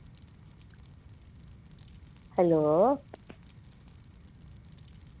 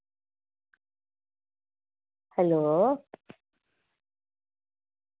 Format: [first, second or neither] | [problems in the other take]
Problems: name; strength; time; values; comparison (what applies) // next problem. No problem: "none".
second | background sound (Fire); 19 dB below the speech